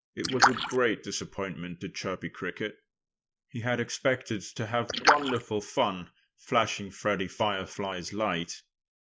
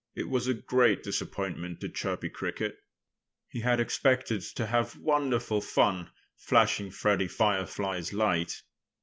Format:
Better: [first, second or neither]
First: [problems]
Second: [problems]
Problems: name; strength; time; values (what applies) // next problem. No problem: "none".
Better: second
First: noise reduction (neural mask model Resemble Enhance denoiser)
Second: none